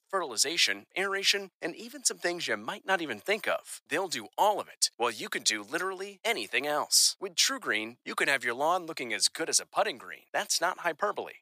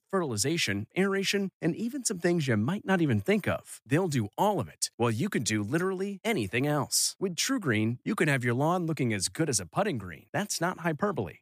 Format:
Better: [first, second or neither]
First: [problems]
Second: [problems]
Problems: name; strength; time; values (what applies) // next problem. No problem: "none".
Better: second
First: thin; very; fading below 650 Hz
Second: none